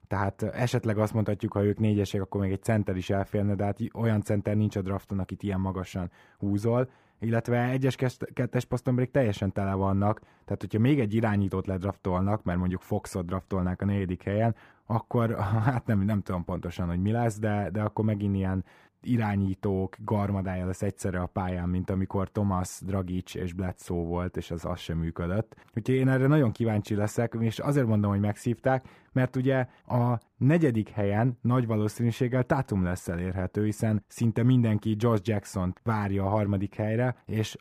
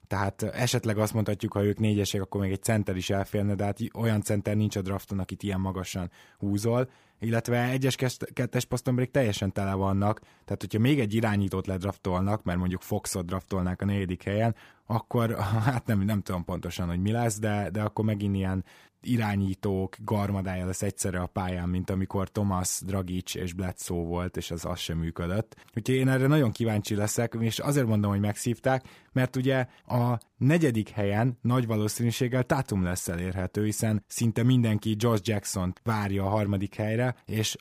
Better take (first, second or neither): second